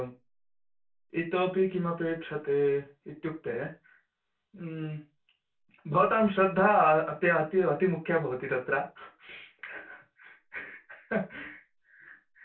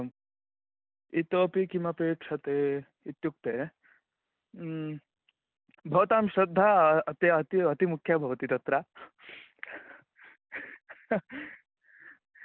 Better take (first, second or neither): second